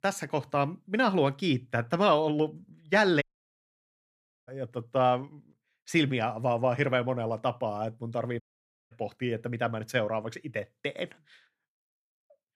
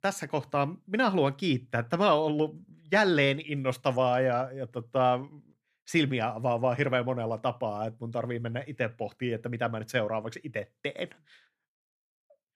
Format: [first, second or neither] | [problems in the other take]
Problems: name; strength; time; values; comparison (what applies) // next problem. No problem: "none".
second | audio cutting out; at 3 s for 1 s and at 8.5 s for 0.5 s